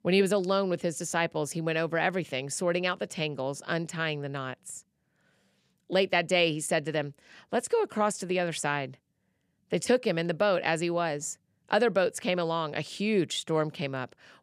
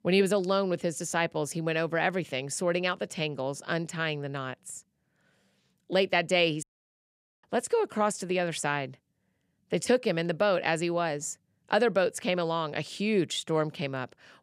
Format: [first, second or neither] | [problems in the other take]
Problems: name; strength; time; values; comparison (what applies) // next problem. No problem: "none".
first | audio cutting out; at 6.5 s for 1 s